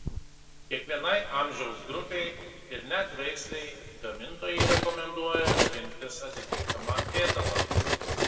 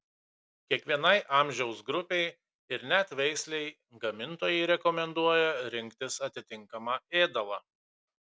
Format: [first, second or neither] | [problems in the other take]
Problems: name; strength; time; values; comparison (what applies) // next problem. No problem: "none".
second | background sound (Cutlery, silverware); 1 dB above the speech // room echo; dies away in 1.9 s